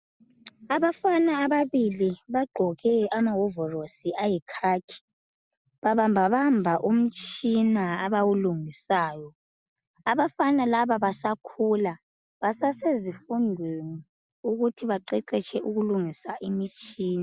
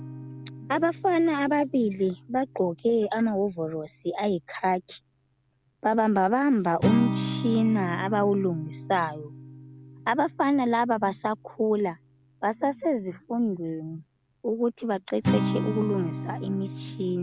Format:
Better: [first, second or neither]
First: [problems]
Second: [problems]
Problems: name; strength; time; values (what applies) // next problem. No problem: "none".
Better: first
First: none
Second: background sound (Acoustic guitar); 8 dB below the speech